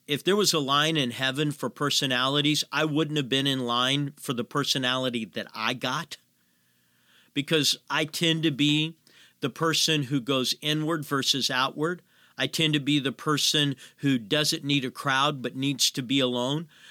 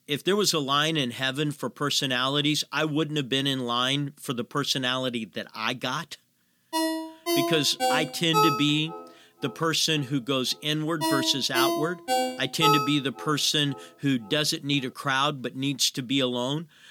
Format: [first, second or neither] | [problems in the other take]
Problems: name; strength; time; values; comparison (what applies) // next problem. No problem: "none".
first | phone ringing; loud; from 6.5 to 13 s; peak 3 dB above the speech